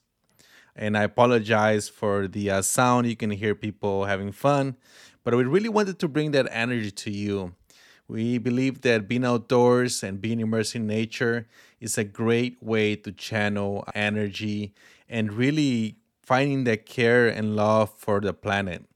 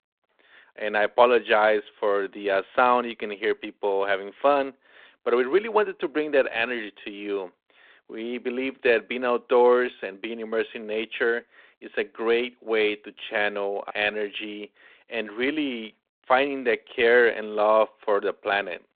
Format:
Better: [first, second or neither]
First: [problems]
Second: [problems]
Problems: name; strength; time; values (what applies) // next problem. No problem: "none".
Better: first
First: none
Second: phone-call audio; nothing above 3.5 kHz